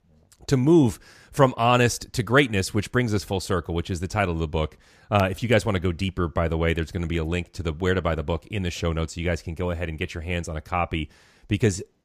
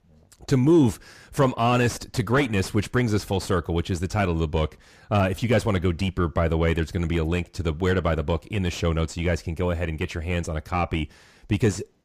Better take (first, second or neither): first